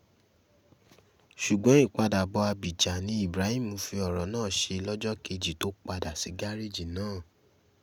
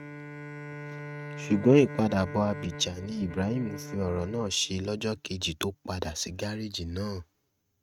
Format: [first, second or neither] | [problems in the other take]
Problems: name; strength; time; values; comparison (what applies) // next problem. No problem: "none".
first | noise reduction (neural mask model RNNoise)